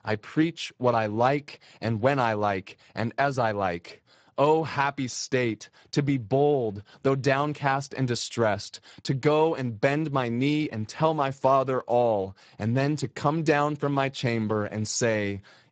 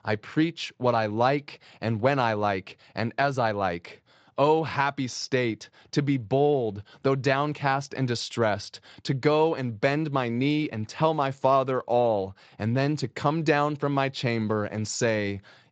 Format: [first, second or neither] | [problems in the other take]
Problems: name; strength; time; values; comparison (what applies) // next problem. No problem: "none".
second | garbled, watery; badly; nothing above 7.5 kHz; slightly in the second